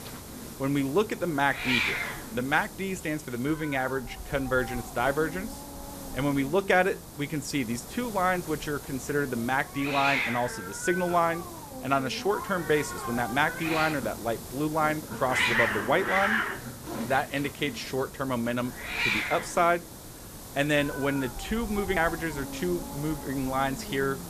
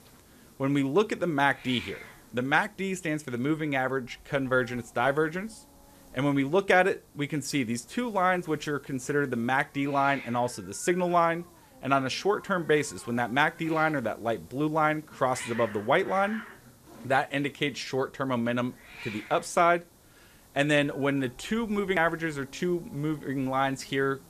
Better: second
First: hiss; loud; throughout; 5 dB below the speech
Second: hiss; faint; throughout; 20 dB below the speech

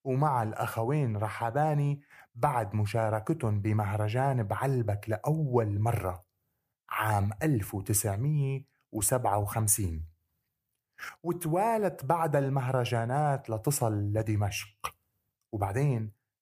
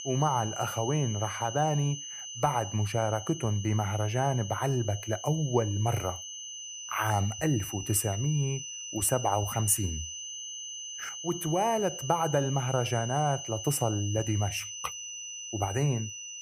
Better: first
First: none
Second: high-pitched whine; loud; throughout; 6 kHz, 8 dB below the speech

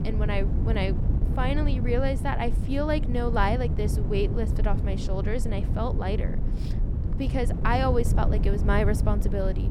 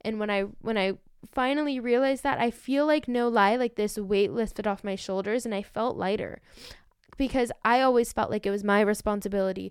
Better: second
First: wind noise on the microphone; heavy; 10 dB below the speech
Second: none

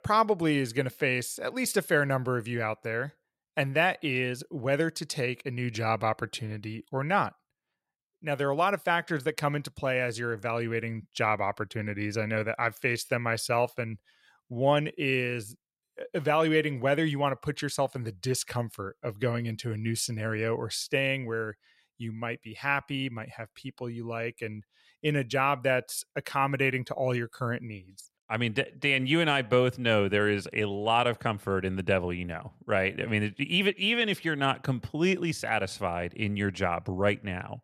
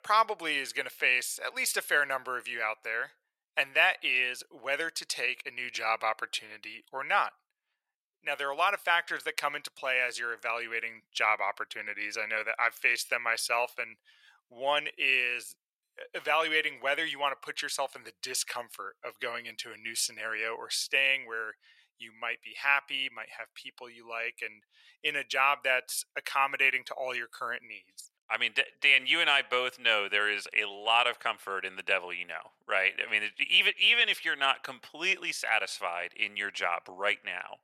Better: first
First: none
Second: thin; very; fading below 850 Hz

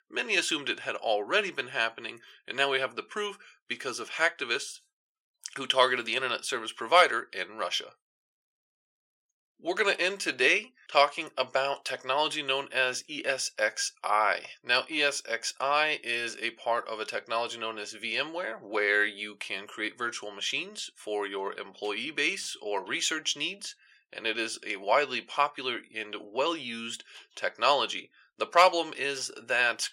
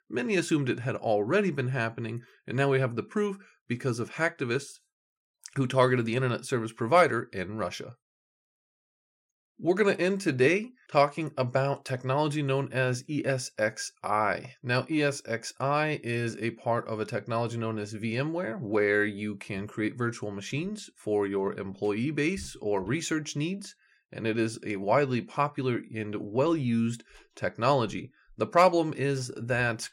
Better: second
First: thin; very; fading below 600 Hz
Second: none

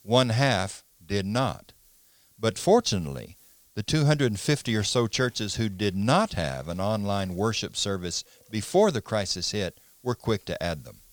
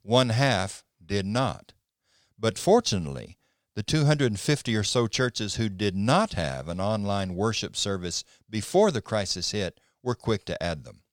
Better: second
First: hiss; faint; throughout; 30 dB below the speech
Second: none

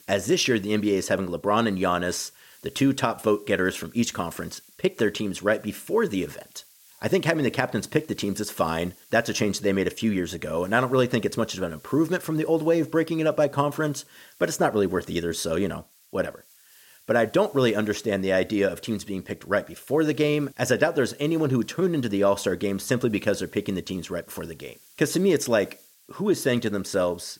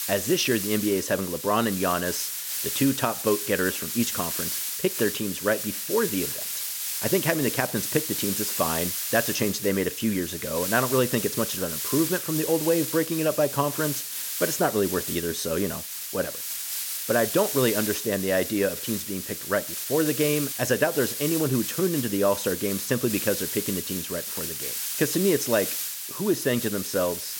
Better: first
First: hiss; faint; throughout; 30 dB below the speech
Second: hiss; loud; throughout; 3 dB below the speech

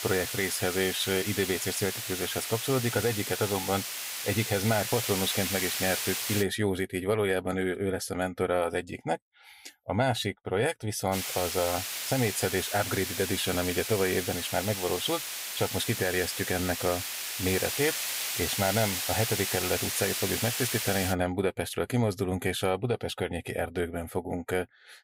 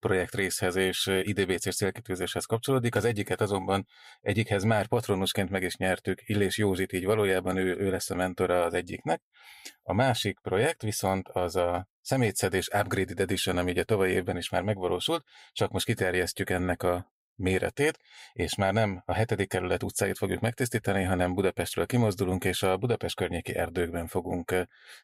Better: second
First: hiss; loud; until 6.5 s and from 11 to 21 s; 2 dB below the speech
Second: none

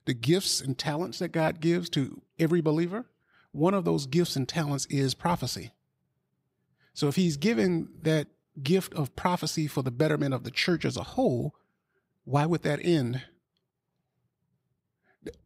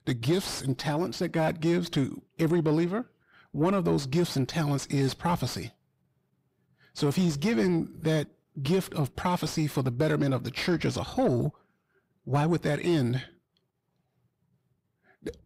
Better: first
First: none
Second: distortion; slight; 10 dB below the speech

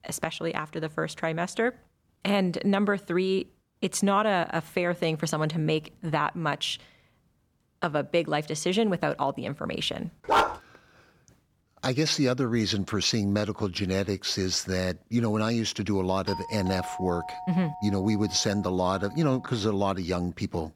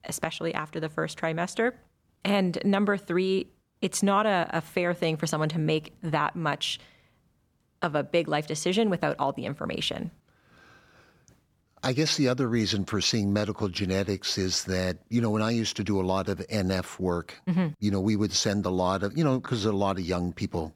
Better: second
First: dog barking; loud; at 10 s; peak 4 dB above the speech // doorbell; noticeable; from 16 to 19 s; peak 8 dB below the speech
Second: none

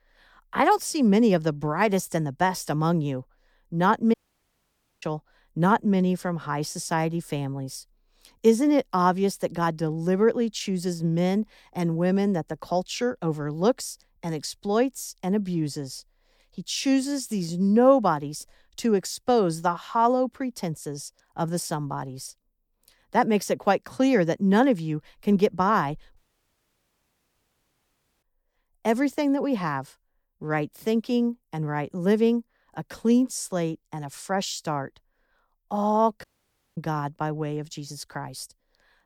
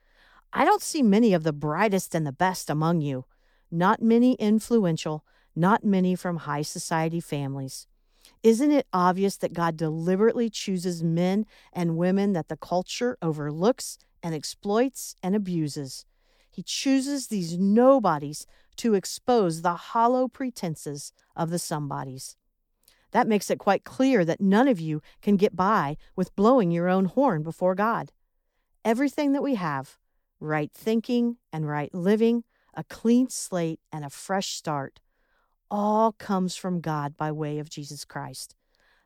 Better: second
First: audio cutting out; at 4 s for 1 s, at 26 s for 2 s and at 36 s for 0.5 s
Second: none

